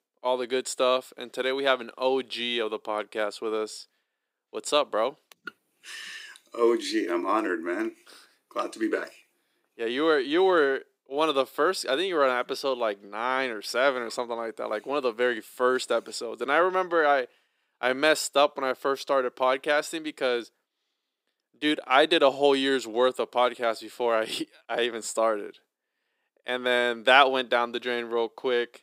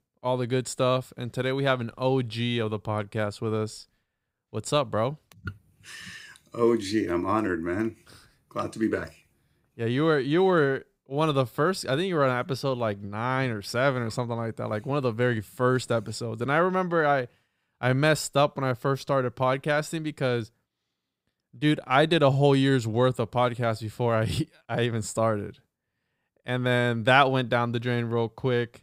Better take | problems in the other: second | thin; somewhat; fading below 300 Hz

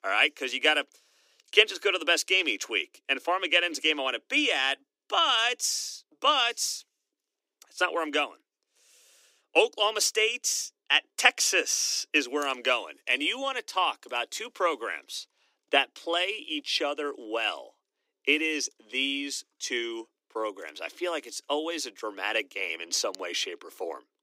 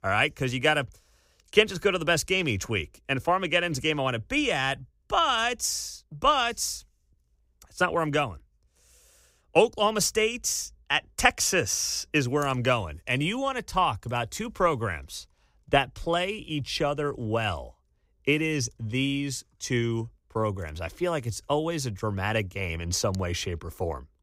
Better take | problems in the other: second | thin; somewhat; fading below 300 Hz

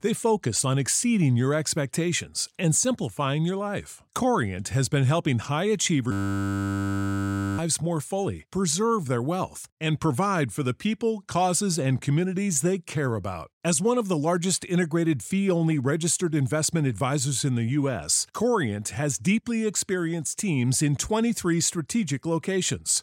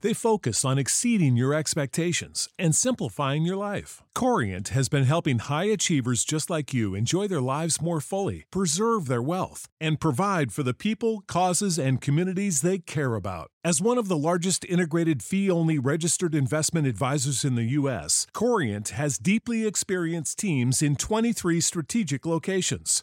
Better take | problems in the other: second | audio freezing; at 6 s for 1.5 s

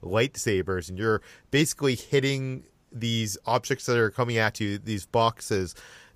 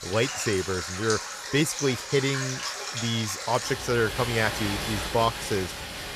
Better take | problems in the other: first | rain or running water; loud; throughout; 4 dB below the speech

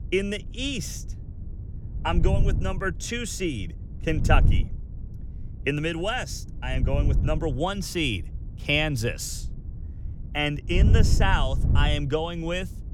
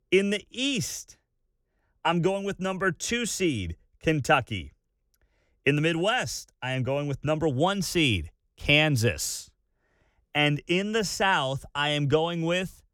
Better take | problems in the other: second | wind noise on the microphone; occasional gusts; 15 dB below the speech

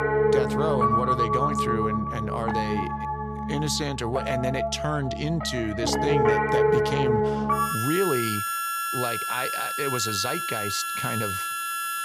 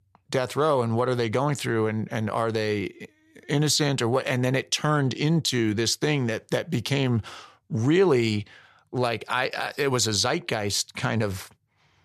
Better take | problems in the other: second | background music; very loud; throughout; 3 dB above the speech

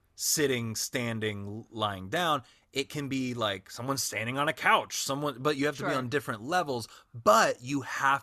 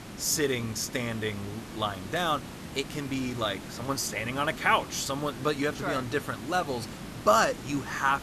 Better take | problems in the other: first | hiss; noticeable; throughout; 10 dB below the speech

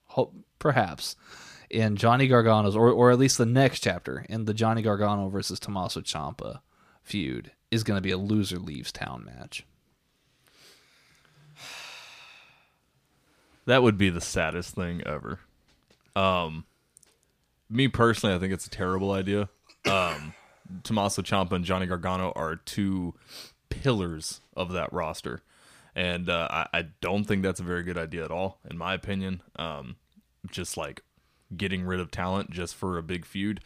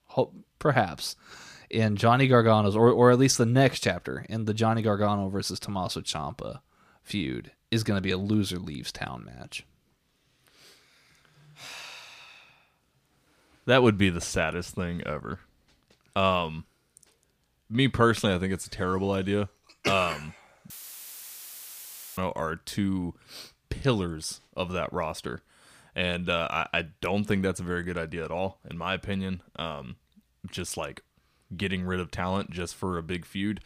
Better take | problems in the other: first | audio cutting out; filled with static; at 21 s for 1.5 s

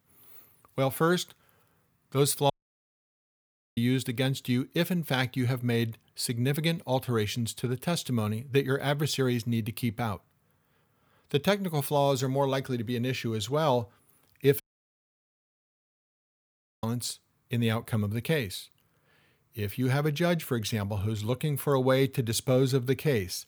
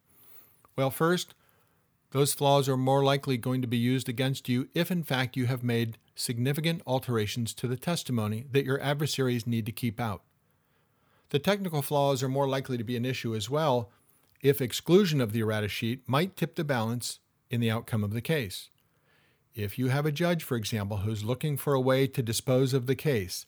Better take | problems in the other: second | audio cutting out; at 2.5 s for 1.5 s and at 15 s for 2 s

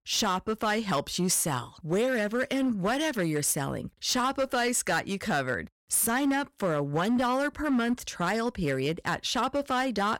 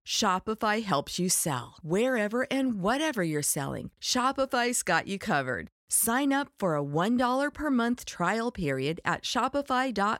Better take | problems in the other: second | distortion; slight; 9% of the sound clipped

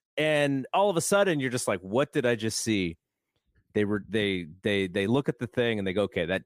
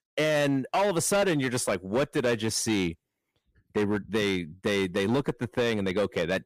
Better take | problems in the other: first | distortion; slight; 11% of the sound clipped

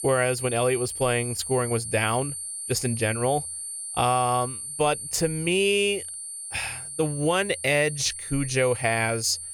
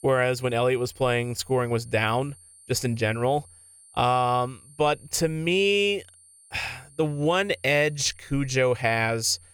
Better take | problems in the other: second | high-pitched whine; loud; throughout; 9 kHz, 7 dB below the speech; faint in the second

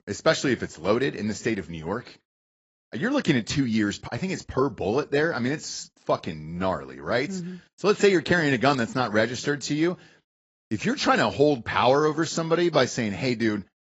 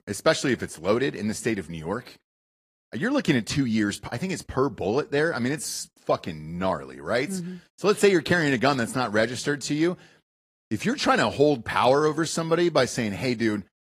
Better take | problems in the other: second | garbled, watery; badly; nothing above 7.5 kHz; slightly in the second

